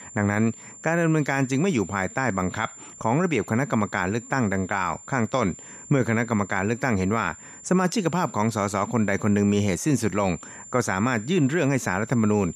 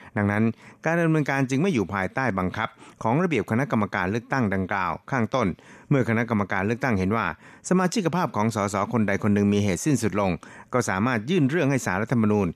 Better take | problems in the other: second | high-pitched whine; noticeable; throughout; 7 kHz, 15 dB below the speech

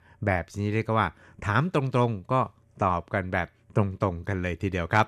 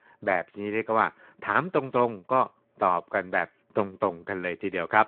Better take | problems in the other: first | phone-call audio

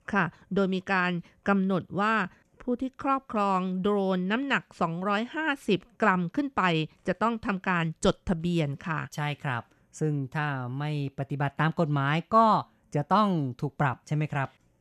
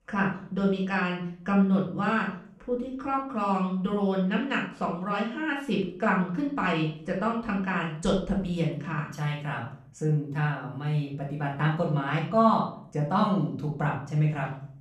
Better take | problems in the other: first | off-mic speech; far // room echo; slight; dies away in 0.4 s

